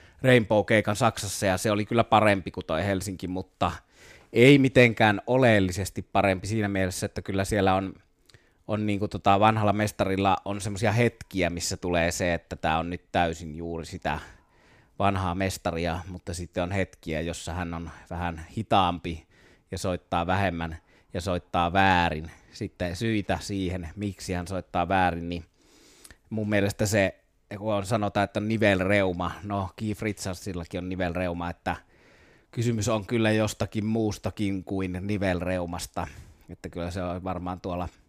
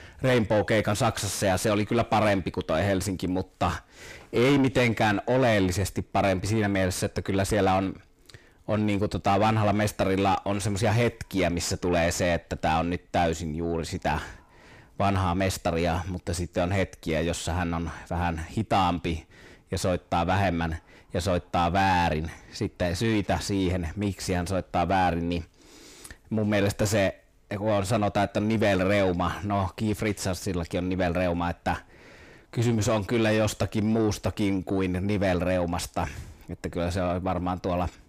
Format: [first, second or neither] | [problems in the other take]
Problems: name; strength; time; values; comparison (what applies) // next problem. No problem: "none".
first | distortion; heavy; 6 dB below the speech